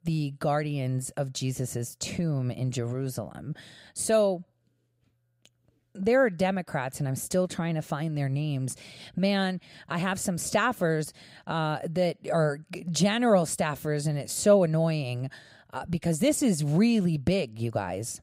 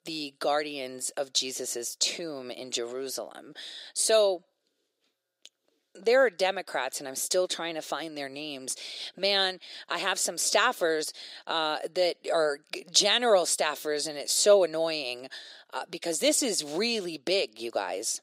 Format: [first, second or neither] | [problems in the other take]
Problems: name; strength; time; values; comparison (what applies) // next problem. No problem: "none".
first | thin; very; fading below 350 Hz